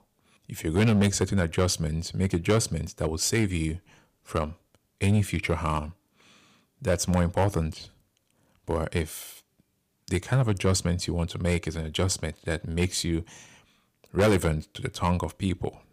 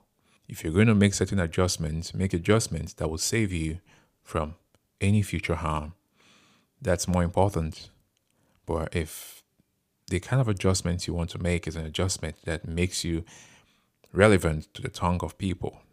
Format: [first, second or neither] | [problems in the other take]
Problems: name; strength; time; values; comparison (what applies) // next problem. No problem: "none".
second | distortion; slight; 3% of the sound clipped